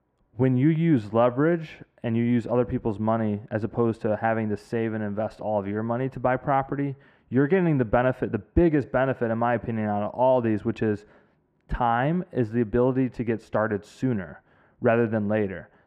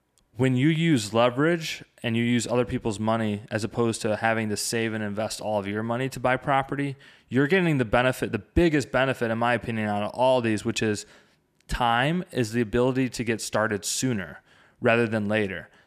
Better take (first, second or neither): second